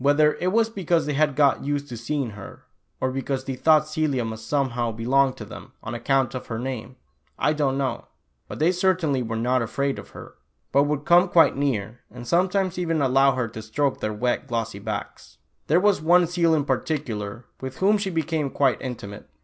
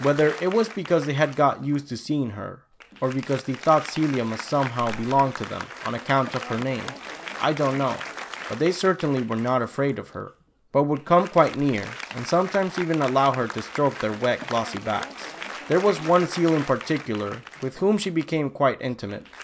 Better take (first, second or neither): first